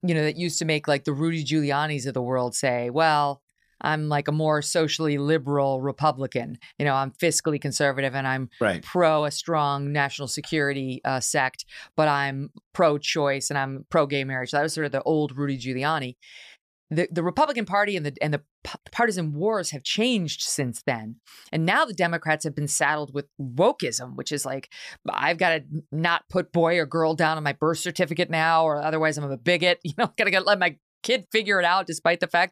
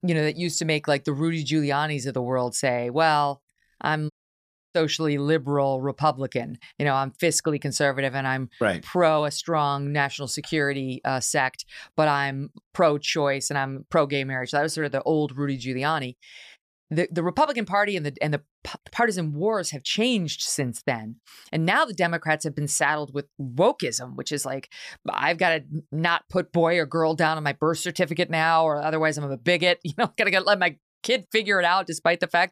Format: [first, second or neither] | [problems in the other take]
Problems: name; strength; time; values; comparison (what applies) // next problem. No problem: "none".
first | audio cutting out; at 4 s for 0.5 s